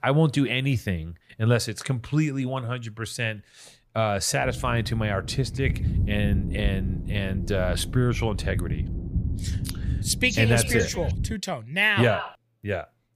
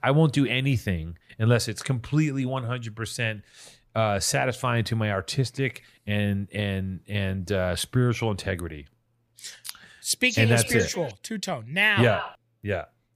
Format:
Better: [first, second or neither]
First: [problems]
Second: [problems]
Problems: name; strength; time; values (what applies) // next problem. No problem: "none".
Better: second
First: low rumble; noticeable; from 4.5 to 11 s; 15 dB below the speech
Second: none